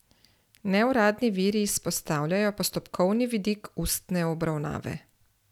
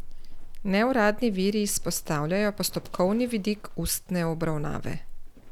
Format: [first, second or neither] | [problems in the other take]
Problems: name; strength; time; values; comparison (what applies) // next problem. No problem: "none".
first | background sound (Livestock, farm animals, working animals); 8 dB below the speech